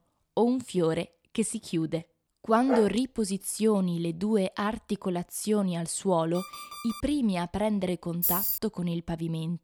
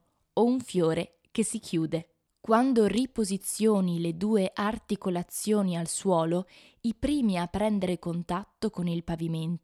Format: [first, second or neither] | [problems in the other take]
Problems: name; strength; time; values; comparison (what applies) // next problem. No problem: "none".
second | dog barking; noticeable; at 2.5 s; peak 3 dB below the speech // alarm; faint; at 6.5 s; peak 10 dB below the speech // jangling keys; loud; at 8 s; peak 4 dB above the speech